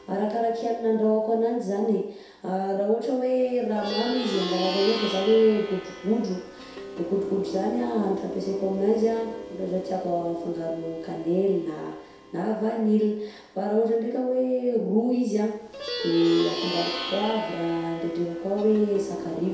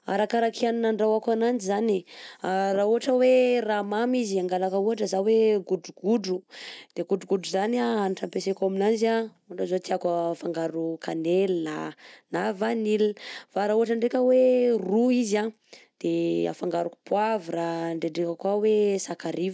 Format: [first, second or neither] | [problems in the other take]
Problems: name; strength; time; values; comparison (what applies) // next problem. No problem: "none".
second | background sound (Plucked string instrument); 11 dB below the speech // room echo; dies away in 0.7 s